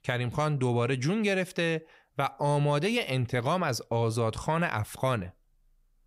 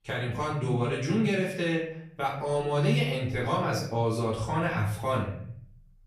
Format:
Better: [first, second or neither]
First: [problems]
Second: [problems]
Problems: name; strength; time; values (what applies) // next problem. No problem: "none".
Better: first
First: none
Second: room echo; noticeable; dies away in 0.6 s // off-mic speech; far